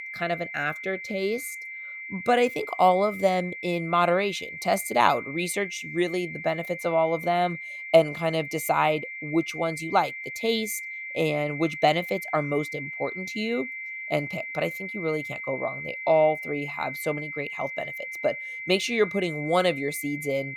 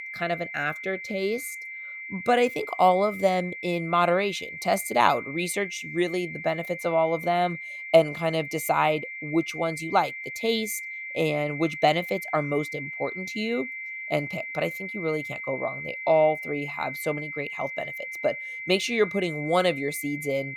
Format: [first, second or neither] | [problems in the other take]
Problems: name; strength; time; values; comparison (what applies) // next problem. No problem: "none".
neither | high-pitched whine; loud; throughout; 2 kHz, 8 dB below the speech; the same in both